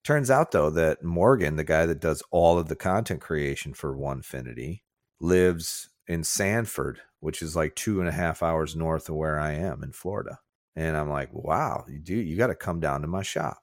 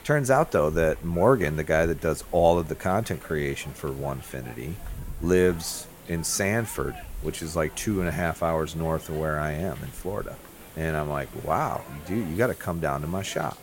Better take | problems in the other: first | hiss; noticeable; throughout; 15 dB below the speech

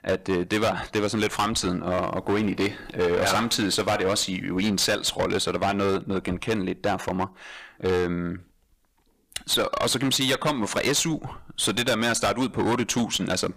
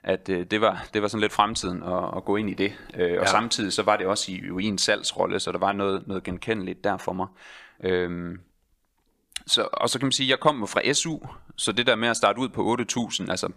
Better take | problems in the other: second | distortion; heavy; 14% of the sound clipped

